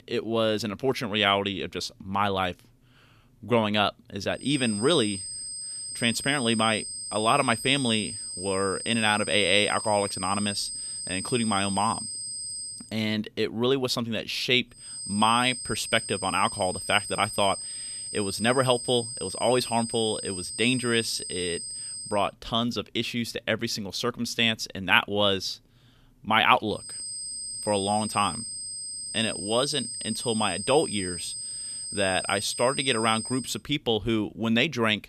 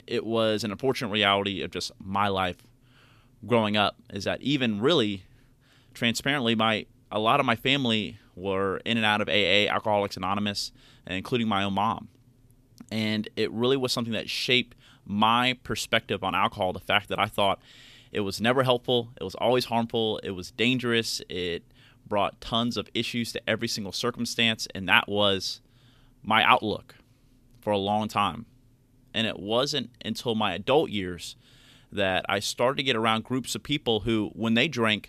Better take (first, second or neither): second